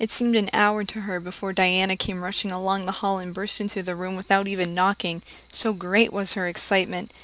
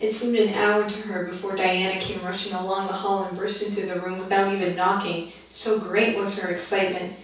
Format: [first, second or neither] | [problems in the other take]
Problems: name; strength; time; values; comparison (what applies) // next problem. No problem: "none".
first | room echo; dies away in 0.6 s